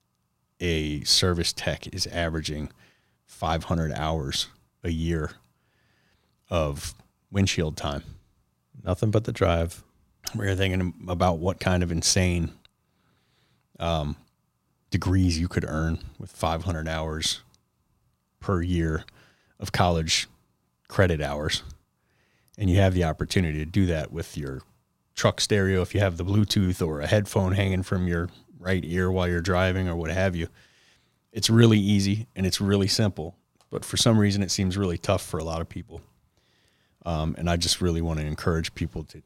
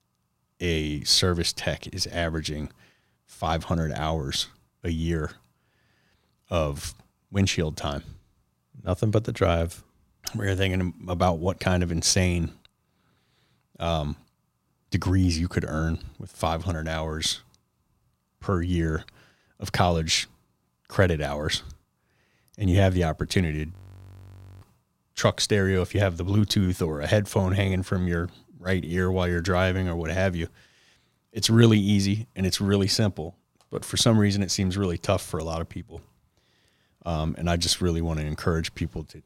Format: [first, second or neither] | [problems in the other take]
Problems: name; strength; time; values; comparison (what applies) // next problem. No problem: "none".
first | audio freezing; at 24 s for 1 s